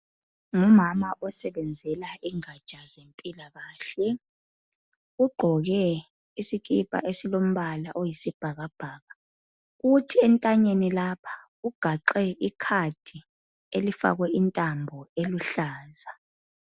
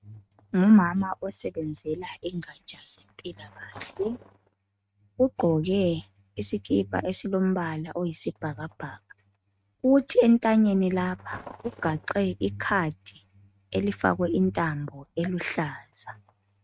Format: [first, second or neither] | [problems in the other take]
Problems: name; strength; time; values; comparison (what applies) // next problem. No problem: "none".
first | noise reduction (neural mask model RNNoise)